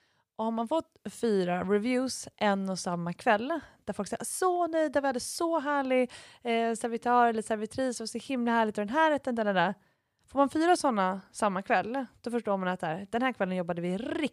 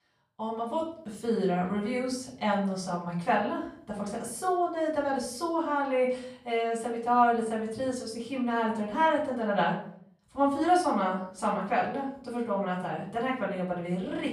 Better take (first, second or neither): first